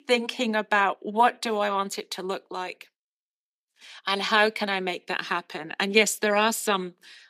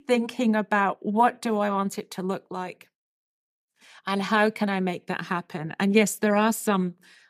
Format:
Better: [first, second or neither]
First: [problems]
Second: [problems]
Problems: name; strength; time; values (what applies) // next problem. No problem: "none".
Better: second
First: thin; somewhat; fading below 250 Hz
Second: none